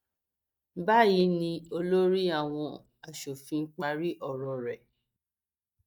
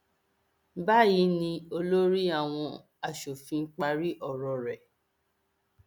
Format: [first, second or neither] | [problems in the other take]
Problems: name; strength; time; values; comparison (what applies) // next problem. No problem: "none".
second | noise reduction (neural mask model DeepFilterNet 3)